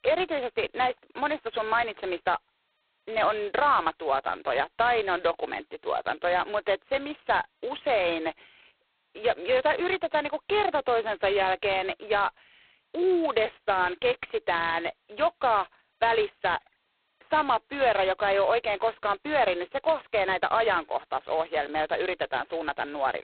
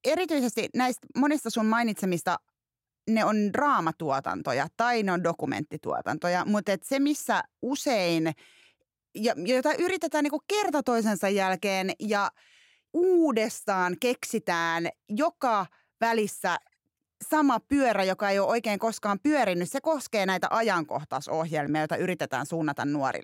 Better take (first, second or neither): second